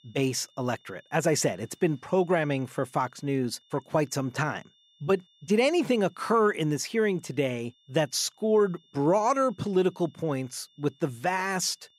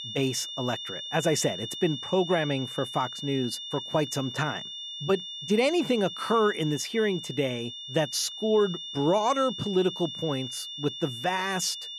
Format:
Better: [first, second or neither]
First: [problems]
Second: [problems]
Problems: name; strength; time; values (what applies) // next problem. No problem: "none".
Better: first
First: high-pitched whine; faint; throughout; 3.5 kHz, 35 dB below the speech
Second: high-pitched whine; loud; throughout; 3.5 kHz, 8 dB below the speech